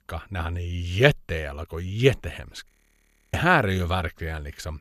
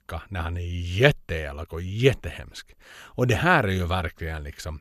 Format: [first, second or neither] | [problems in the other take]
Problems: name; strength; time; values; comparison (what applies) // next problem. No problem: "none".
second | audio freezing; at 2.5 s for 0.5 s